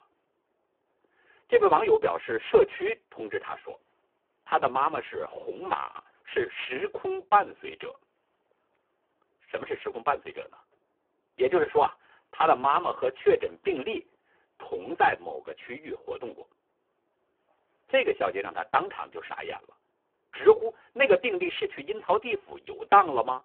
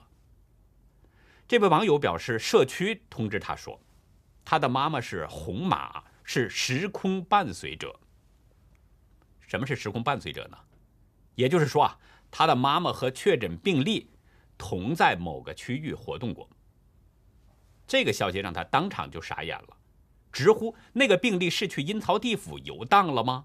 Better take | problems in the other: second | phone-call audio; poor line

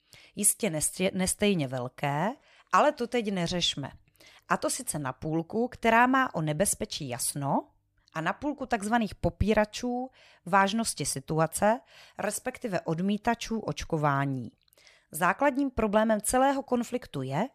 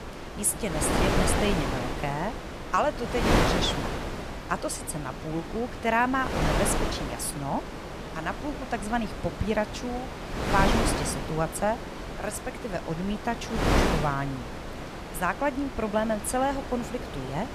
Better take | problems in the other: first | wind noise on the microphone; heavy; 2 dB below the speech

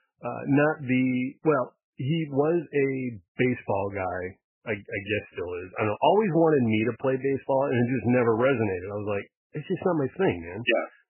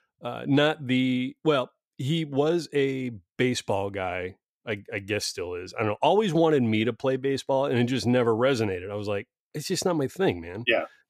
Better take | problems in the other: second | garbled, watery; badly; nothing above 3 kHz

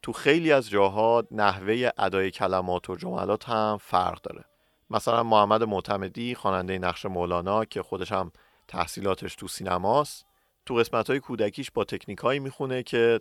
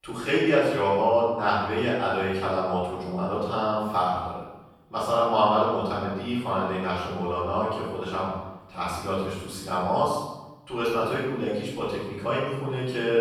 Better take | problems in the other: first | off-mic speech; far // room echo; strong; dies away in 0.9 s

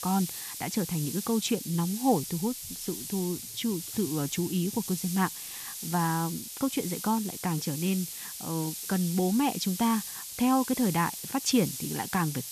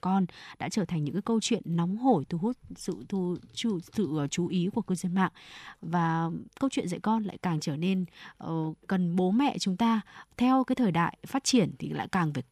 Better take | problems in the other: second | hiss; loud; throughout; 6 dB below the speech

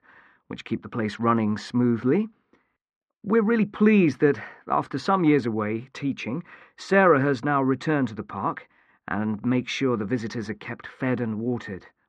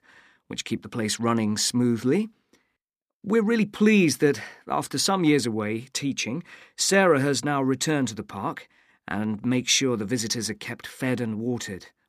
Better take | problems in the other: second | muffled; very; fading above 2 kHz

